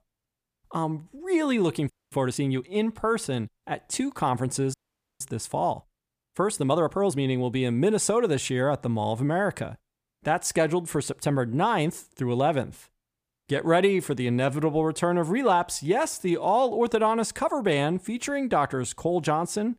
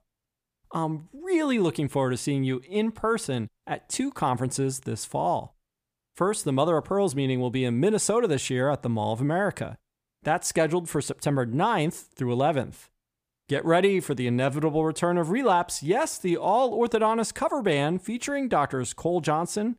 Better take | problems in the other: second | audio freezing; at 2 s and at 4.5 s

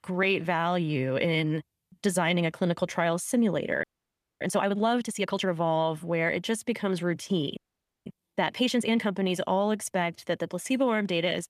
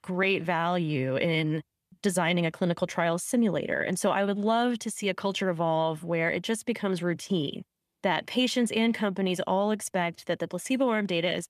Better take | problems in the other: second | audio freezing; at 4 s for 0.5 s and at 7.5 s

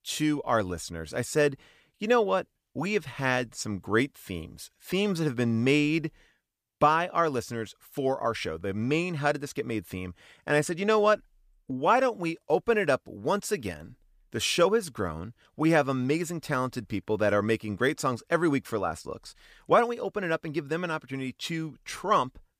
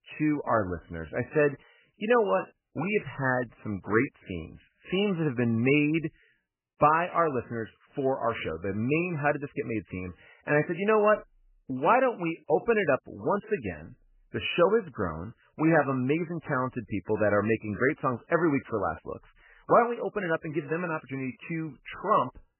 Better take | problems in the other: first | garbled, watery; badly; nothing above 3 kHz

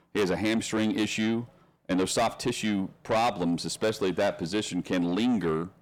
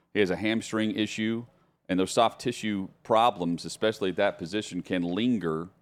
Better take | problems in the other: second | distortion; heavy; 7 dB below the speech

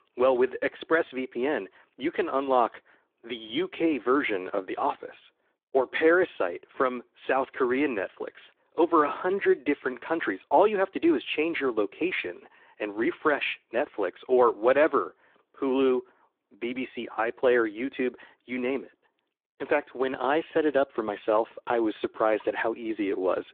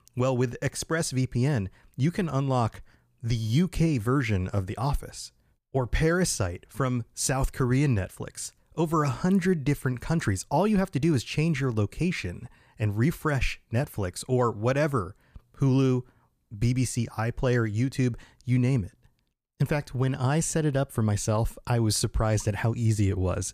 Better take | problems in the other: second | phone-call audio

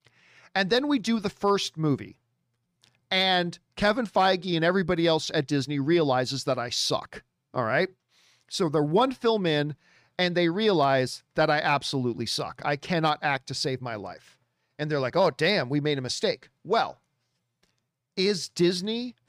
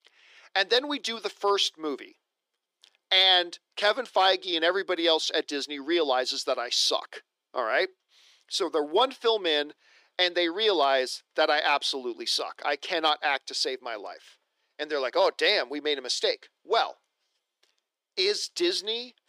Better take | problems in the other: first | thin; somewhat; fading below 350 Hz

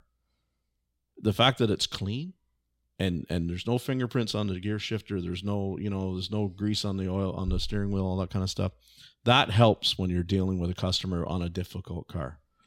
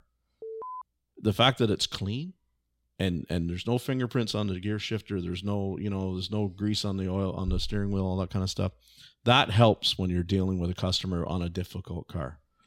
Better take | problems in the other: first | alarm; faint; at 0.5 s; peak 10 dB below the speech

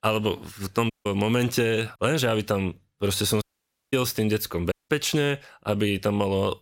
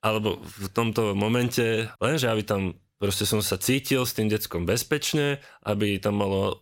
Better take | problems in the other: second | audio cutting out; at 1 s, at 3.5 s for 0.5 s and at 4.5 s

